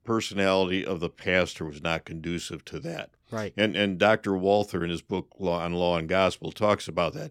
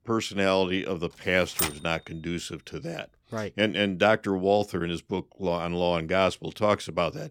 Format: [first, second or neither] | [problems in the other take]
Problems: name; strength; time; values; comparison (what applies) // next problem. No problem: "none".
first | keyboard typing; noticeable; at 1.5 s; peak 1 dB below the speech